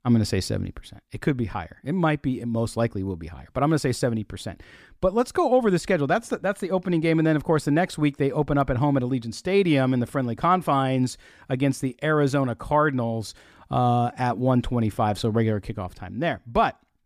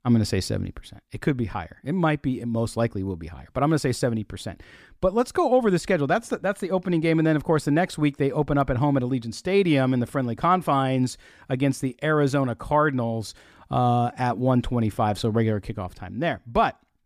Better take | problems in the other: neither | none

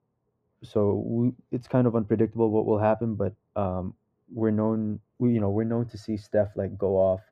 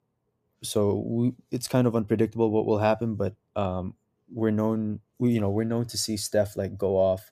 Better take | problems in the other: second | muffled; very; fading above 3.5 kHz

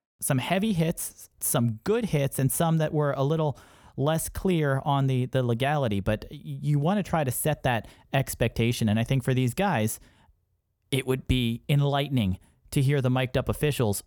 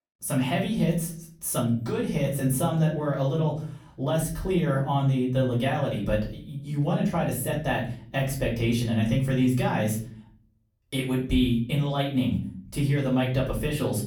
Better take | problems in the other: first | room echo; slight; dies away in 0.5 s // off-mic speech; far

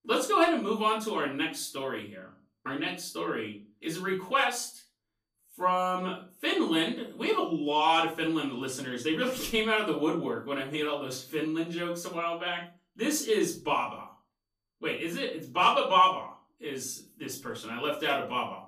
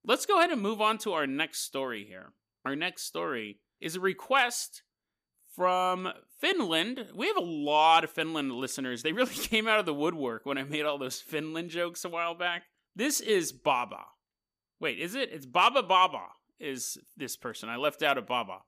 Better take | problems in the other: second | off-mic speech; far // room echo; slight; dies away in 0.3 s

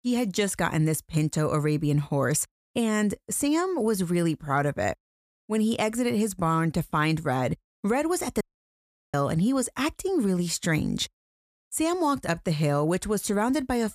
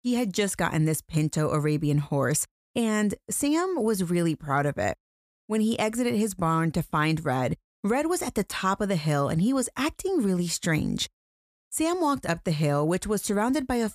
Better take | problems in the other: second | audio cutting out; at 8.5 s for 0.5 s

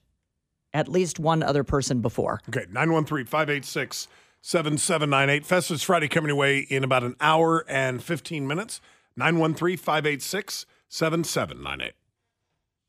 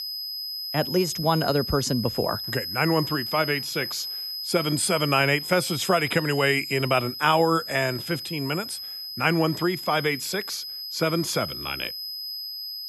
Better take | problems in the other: first | high-pitched whine; loud; throughout; 5 kHz, 6 dB below the speech

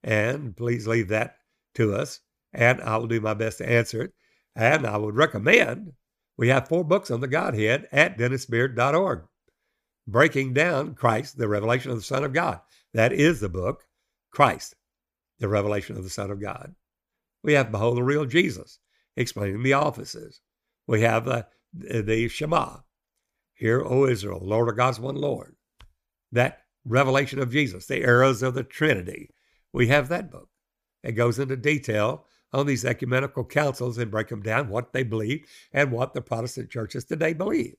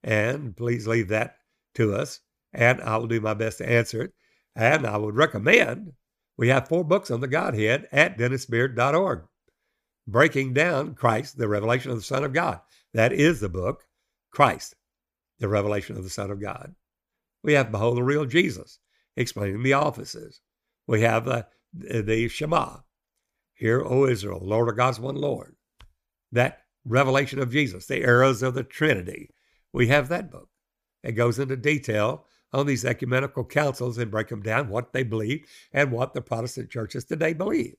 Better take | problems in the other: neither | none

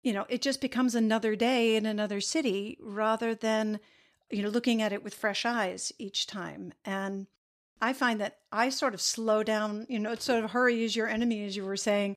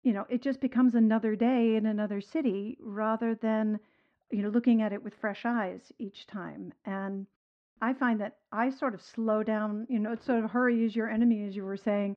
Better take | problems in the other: first | muffled; very; fading above 1.5 kHz

